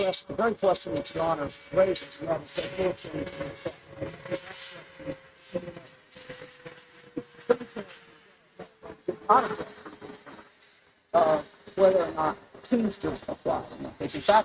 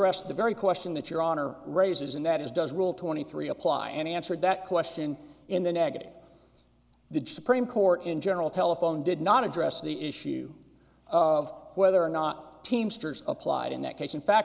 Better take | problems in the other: second | noise reduction (neural mask model RNNoise)

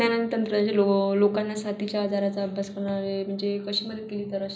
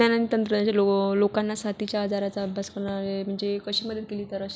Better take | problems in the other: second | room echo; dies away in 0.5 s

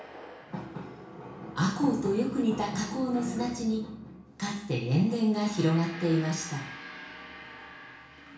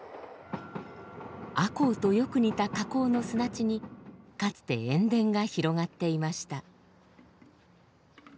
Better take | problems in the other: second | background sound (Gong); 19 dB below the speech // room echo; dies away in 0.6 s

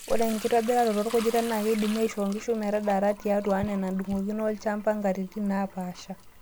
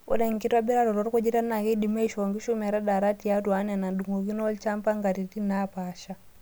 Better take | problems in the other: second | background sound (Sink (filling or washing) / Liquid + Raindrop / Drip); 17 dB below the speech

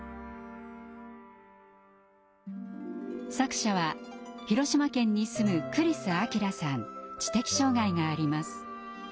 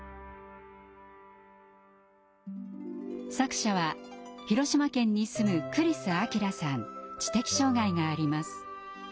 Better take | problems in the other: second | background sound (Bowed string instrument); 18 dB below the speech

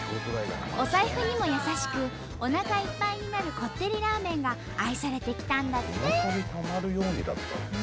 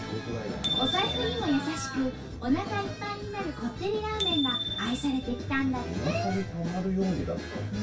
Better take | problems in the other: first | background sound (Bicycle bell); 7 dB below the speech // room echo; dies away in 0.2 s

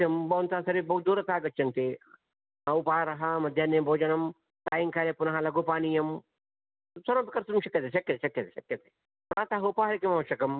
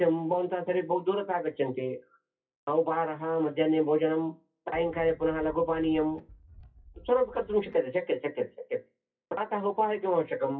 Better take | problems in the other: first | noise reduction (classical method WPE with log-MMSE)

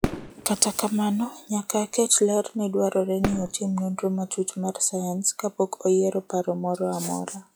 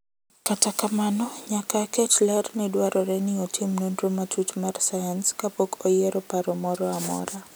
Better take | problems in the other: second | noise reduction (classical method log-MMSE)

